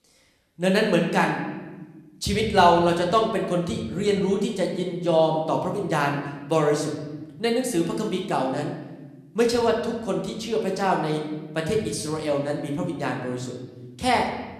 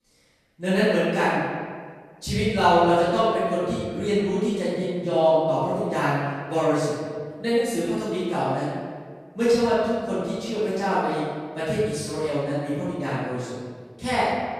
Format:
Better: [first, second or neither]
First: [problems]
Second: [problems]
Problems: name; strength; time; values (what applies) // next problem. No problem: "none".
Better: first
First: room echo; slight; dies away in 1.2 s // off-mic speech; somewhat distant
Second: room echo; strong; dies away in 1.6 s // off-mic speech; far